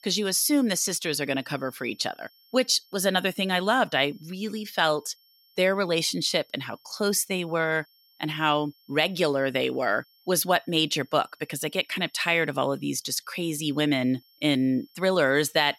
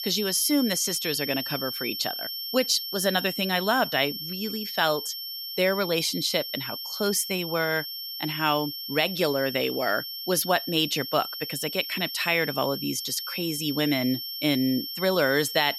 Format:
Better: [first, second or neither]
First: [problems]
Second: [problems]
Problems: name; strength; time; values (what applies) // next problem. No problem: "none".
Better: first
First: high-pitched whine; faint; throughout; 5.5 kHz, 30 dB below the speech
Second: high-pitched whine; loud; throughout; 5.5 kHz, 6 dB below the speech